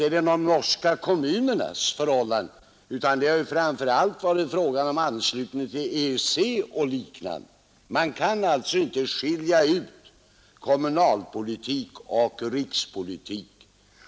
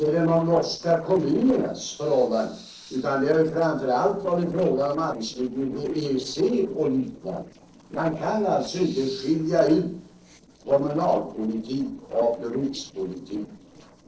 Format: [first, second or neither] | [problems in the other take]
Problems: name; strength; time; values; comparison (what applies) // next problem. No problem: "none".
first | noise reduction (neural separator model SepFormer DNS4)